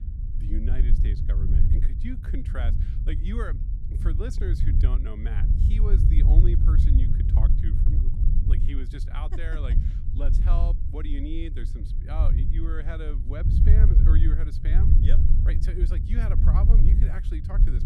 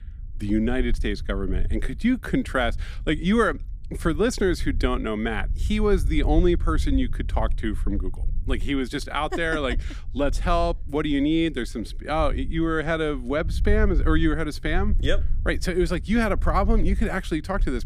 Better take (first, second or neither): second